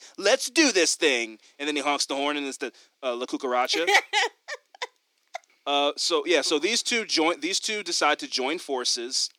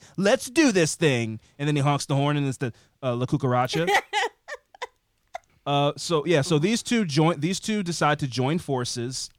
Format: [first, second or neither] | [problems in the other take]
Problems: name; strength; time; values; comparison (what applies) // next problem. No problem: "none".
second | thin; somewhat; fading below 300 Hz